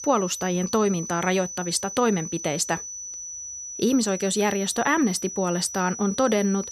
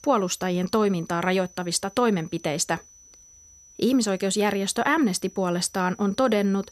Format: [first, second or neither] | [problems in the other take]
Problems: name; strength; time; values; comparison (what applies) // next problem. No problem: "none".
second | high-pitched whine; loud; throughout; 6 kHz, 9 dB below the speech; faint in the second